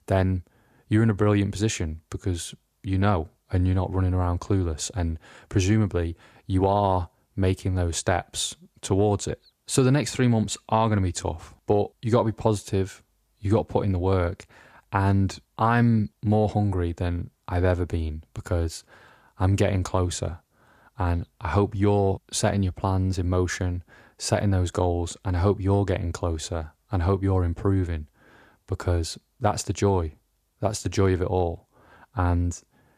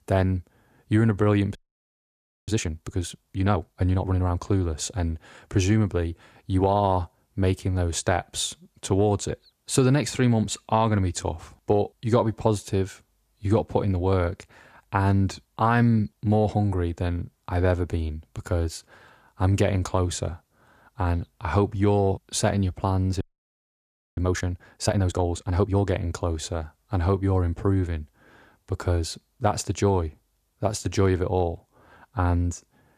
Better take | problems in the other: first | audio freezing; at 1.5 s for 1 s and at 23 s for 1 s

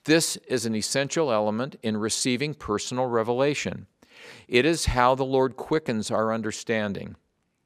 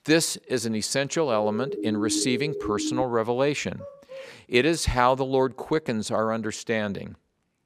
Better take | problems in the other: first | siren; noticeable; from 1.5 to 3 s; peak 4 dB below the speech // dog barking; faint; at 4 s; peak 15 dB below the speech

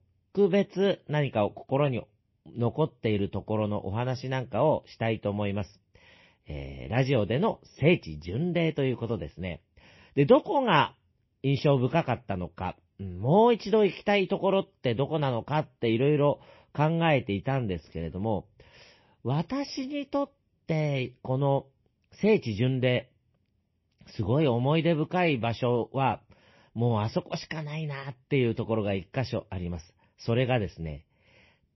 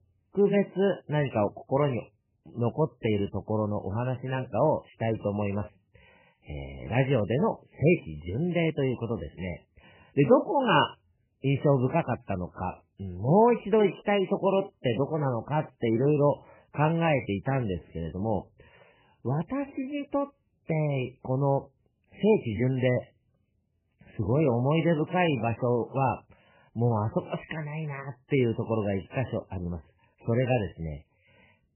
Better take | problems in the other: first | garbled, watery; badly; nothing above 3 kHz; slightly in the first

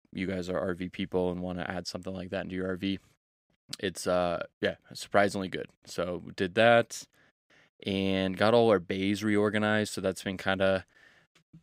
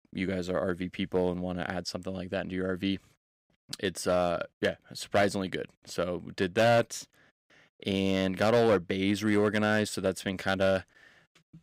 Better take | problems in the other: first | distortion; slight; 2% of the sound clipped

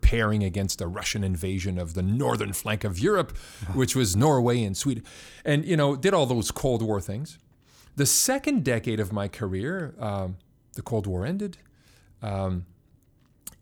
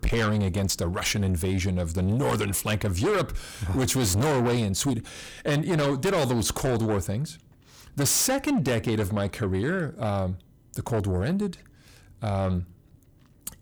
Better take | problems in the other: first | distortion; heavy; 7 dB below the speech

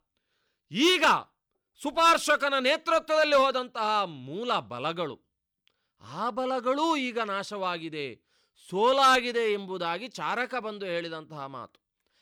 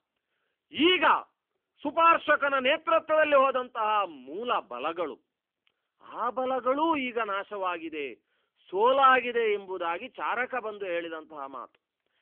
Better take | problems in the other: first | phone-call audio; nothing above 3 kHz

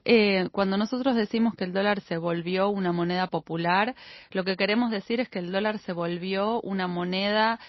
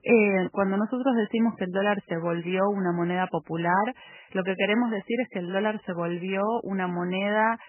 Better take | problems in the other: first | garbled, watery; badly; nothing above 3 kHz; slightly in the first

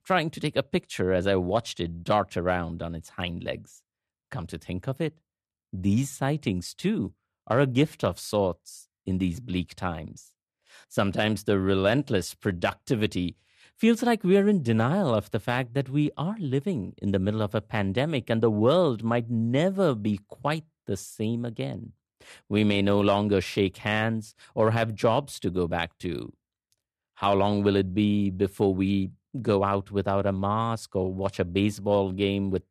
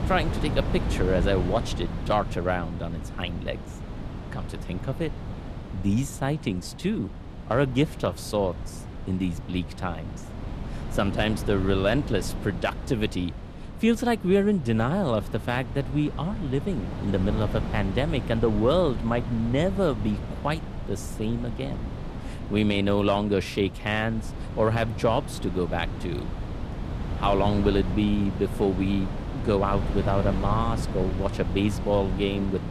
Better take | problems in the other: first | wind noise on the microphone; occasional gusts; 10 dB below the speech

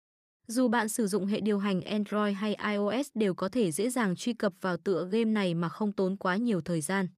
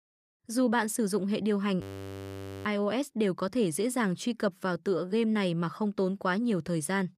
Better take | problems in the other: first | audio freezing; at 2 s for 1 s

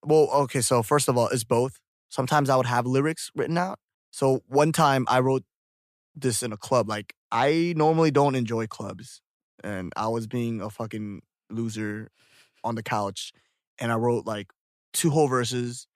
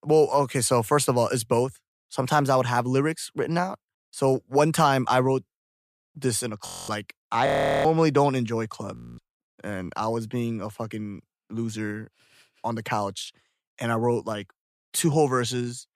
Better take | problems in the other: first | audio freezing; at 6.5 s, at 7.5 s and at 9 s

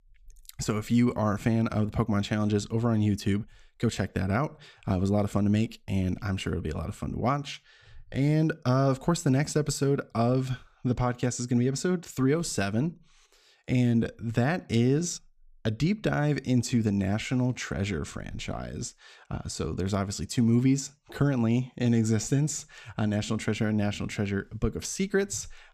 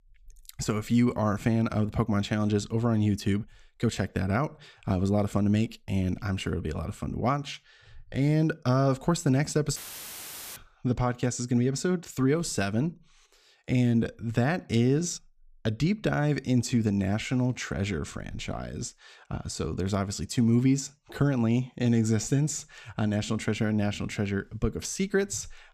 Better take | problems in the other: first | audio cutting out; filled with static; at 10 s for 1 s

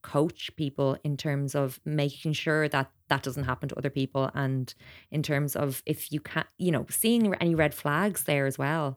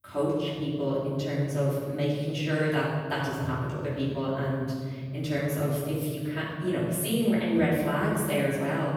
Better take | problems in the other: first | room echo; strong; dies away in 1.9 s // off-mic speech; far

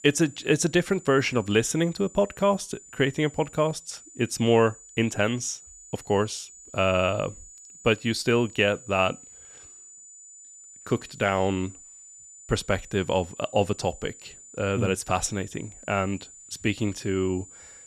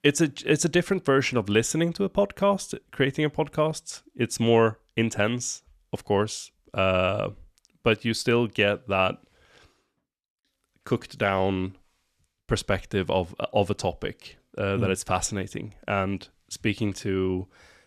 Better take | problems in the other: second | high-pitched whine; noticeable; throughout; 7 kHz, 20 dB below the speech

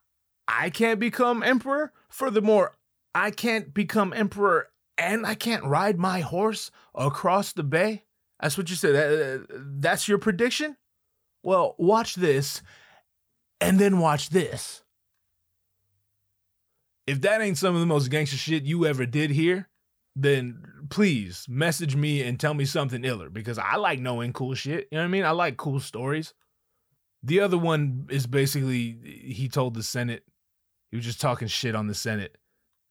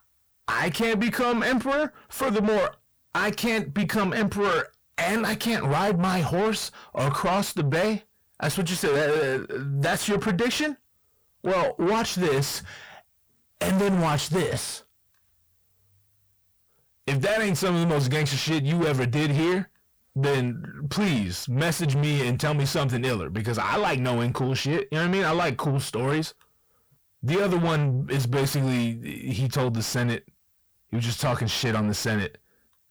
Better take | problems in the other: first | distortion; heavy; 6 dB below the speech

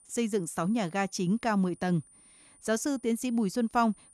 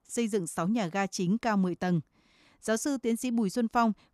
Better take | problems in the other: second | high-pitched whine; faint; throughout; 9.5 kHz, 25 dB below the speech

